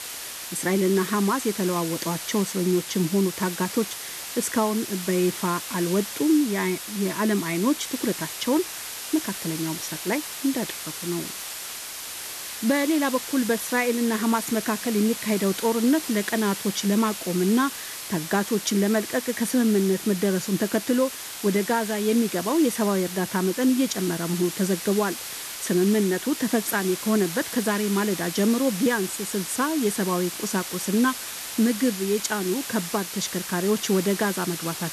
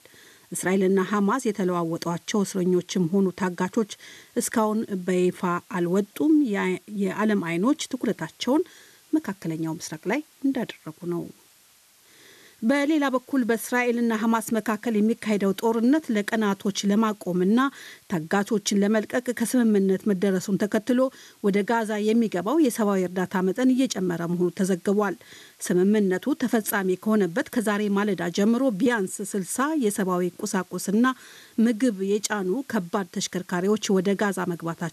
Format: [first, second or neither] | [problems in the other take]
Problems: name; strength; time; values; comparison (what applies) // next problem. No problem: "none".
second | hiss; loud; throughout; 7 dB below the speech; faint in the second